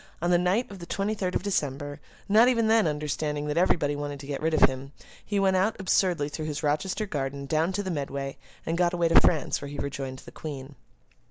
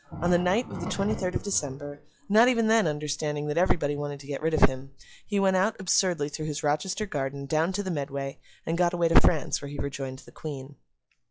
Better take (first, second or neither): first